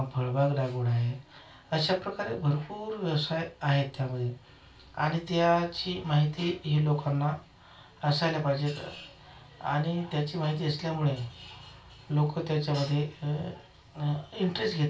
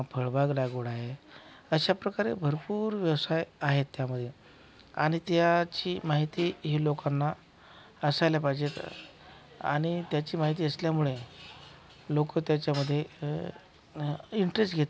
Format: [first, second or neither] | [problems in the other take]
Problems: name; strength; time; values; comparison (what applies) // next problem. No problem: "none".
second | room echo; dies away in 0.3 s